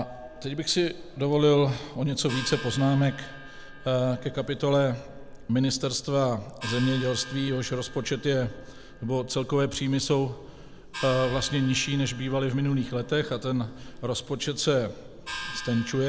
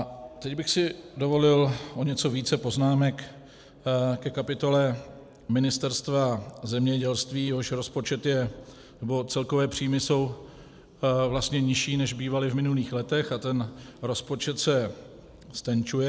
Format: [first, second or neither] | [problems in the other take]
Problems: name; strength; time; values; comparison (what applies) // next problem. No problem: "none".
second | background sound (Gong); 15 dB below the speech